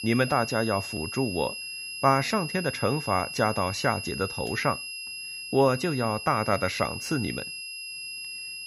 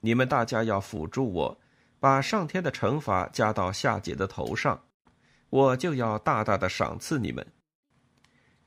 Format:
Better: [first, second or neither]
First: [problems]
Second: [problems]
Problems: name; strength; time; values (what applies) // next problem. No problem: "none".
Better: second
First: high-pitched whine; loud; throughout; 2.5 kHz, 7 dB below the speech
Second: none